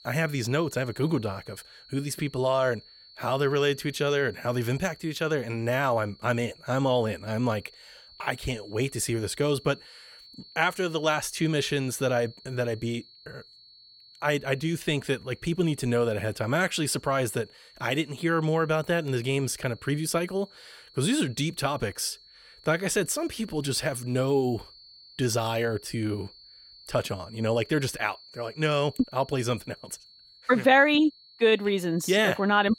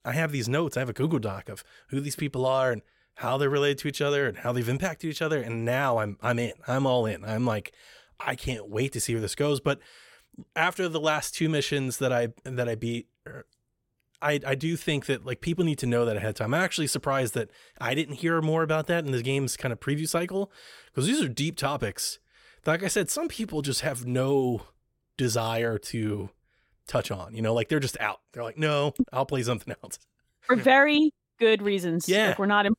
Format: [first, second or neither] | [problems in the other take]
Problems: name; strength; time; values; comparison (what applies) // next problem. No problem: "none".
second | high-pitched whine; faint; throughout; 4.5 kHz, 25 dB below the speech